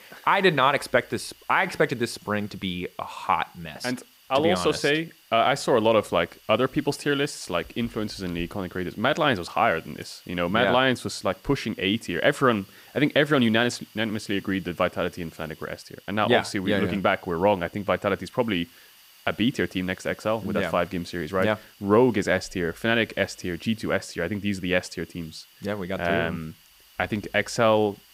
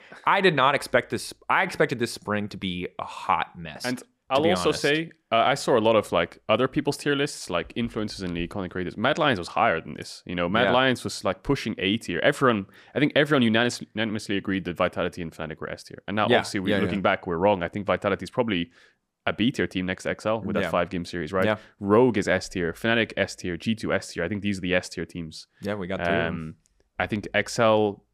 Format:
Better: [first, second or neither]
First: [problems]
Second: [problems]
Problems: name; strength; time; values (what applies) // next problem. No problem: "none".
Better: second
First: hiss; faint; throughout; 25 dB below the speech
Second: none